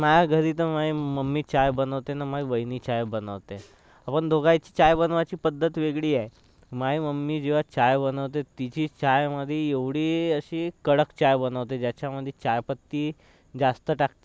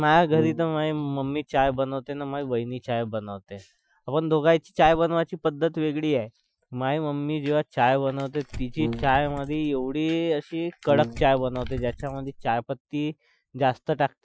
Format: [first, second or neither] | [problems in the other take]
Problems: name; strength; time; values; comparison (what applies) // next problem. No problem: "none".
first | noise reduction (classical method Wiener filter)